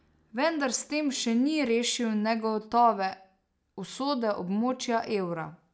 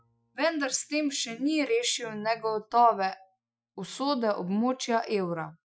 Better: first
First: none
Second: noise reduction (classical method Wiener filter)

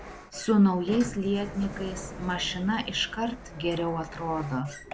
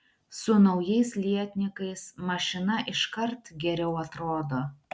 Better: second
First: background sound (Sliding door); 13 dB below the speech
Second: none

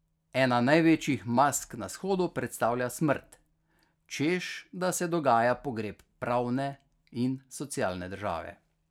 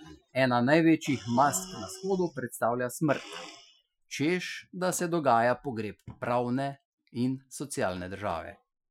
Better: first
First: none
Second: noise reduction (classical method Wiener filter)

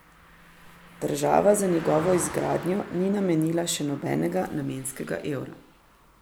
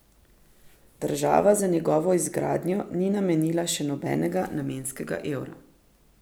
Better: second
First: background sound (Car passing by); 16 dB below the speech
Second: none

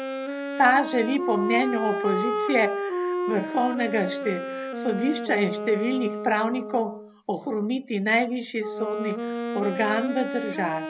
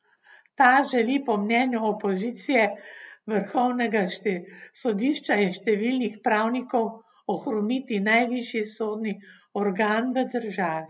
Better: second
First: background sound (Wind instrument, woodwind instrument); 4 dB below the speech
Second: none

